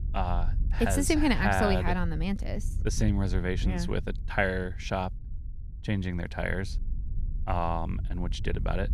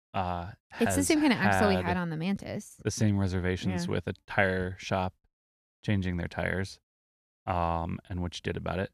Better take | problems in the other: second | wind noise on the microphone; occasional gusts; 20 dB below the speech

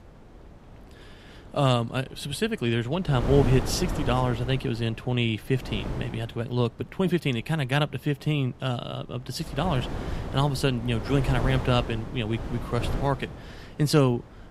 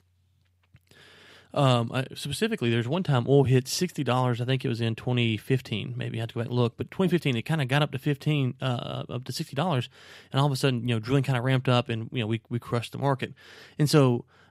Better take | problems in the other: second | wind noise on the microphone; heavy; 9 dB below the speech

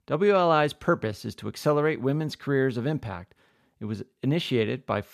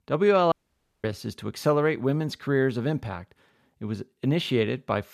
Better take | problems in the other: first | audio cutting out; at 0.5 s for 0.5 s

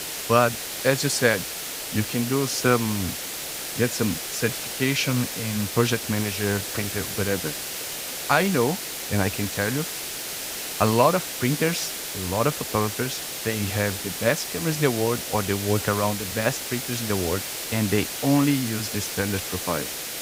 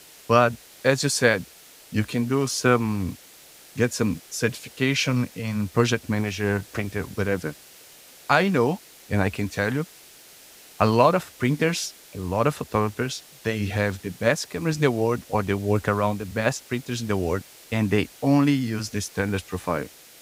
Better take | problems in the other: second | hiss; loud; throughout; 4 dB below the speech; faint in the second

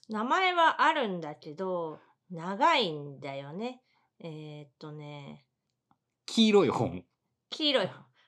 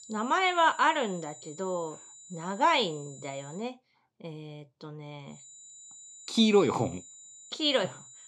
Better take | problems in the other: first | high-pitched whine; noticeable; until 3.5 s and from 5.5 s on; 7 kHz, 20 dB below the speech

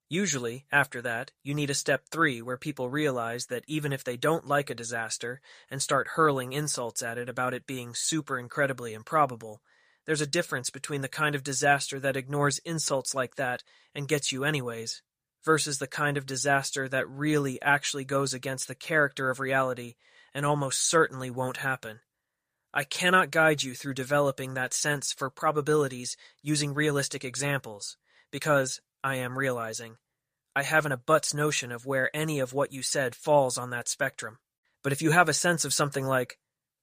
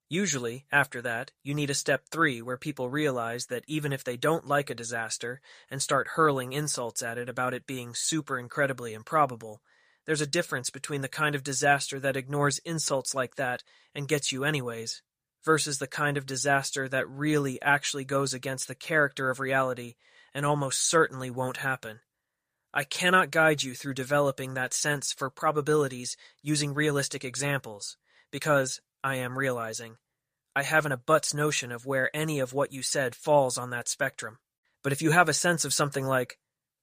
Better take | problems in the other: neither | none

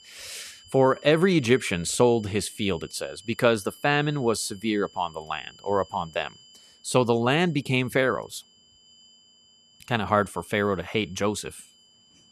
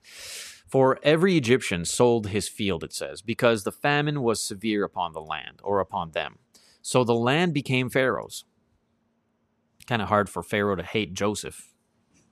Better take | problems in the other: second | high-pitched whine; faint; throughout; 3 kHz, 25 dB below the speech

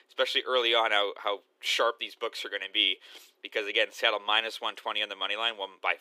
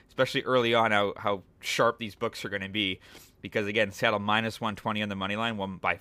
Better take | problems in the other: second | thin; very; fading below 350 Hz

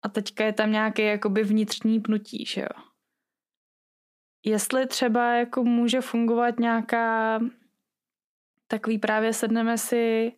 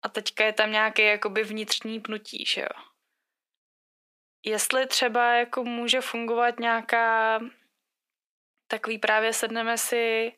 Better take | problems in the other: first | thin; somewhat; fading below 500 Hz

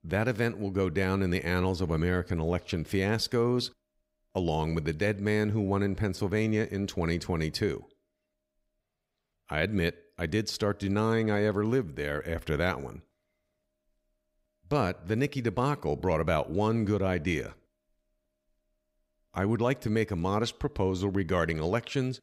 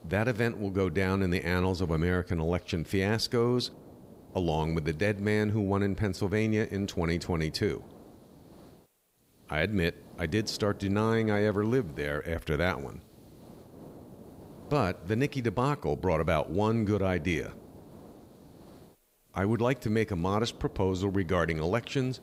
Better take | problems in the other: first | hiss; faint; throughout; 25 dB below the speech

